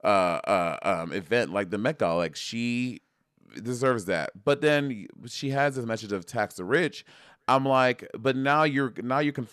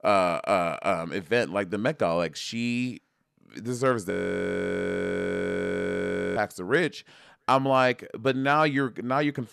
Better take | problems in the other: first | audio freezing; at 4 s for 2.5 s

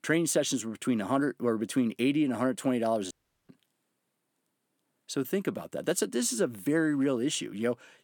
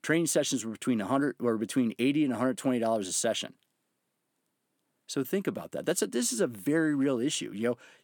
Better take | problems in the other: second | audio cutting out; at 3 s

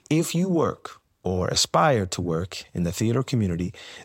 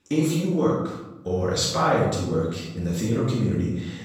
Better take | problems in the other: first | room echo; noticeable; dies away in 0.8 s // off-mic speech; far

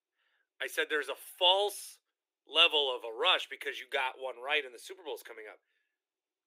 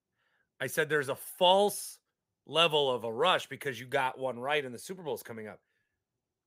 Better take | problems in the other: second | thin; very; fading below 300 Hz

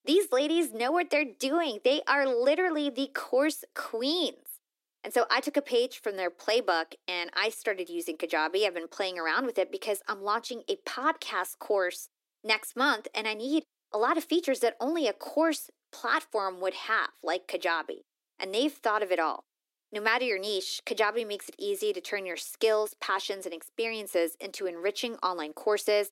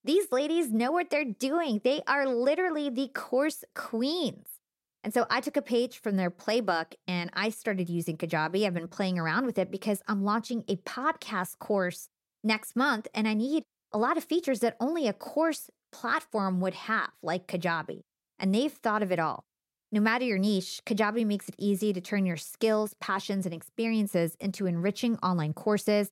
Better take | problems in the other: second | thin; somewhat; fading below 300 Hz

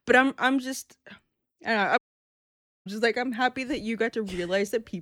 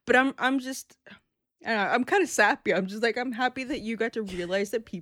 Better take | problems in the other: second | audio cutting out; at 2 s for 1 s

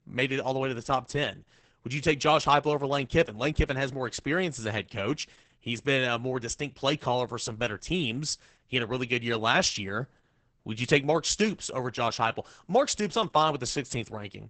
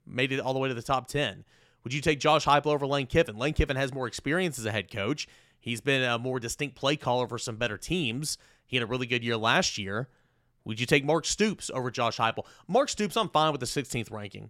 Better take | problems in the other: second | garbled, watery; badly; nothing above 8 kHz

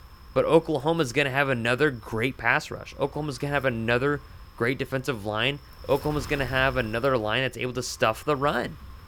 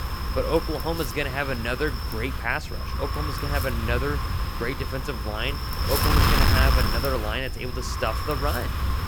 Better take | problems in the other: first | wind noise on the microphone; heavy; 1 dB below the speech; occasional gusts in the first

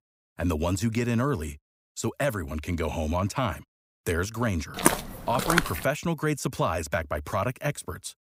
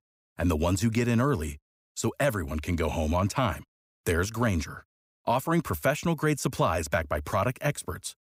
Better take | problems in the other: second | footsteps; loud; at 5 s; peak 5 dB above the speech

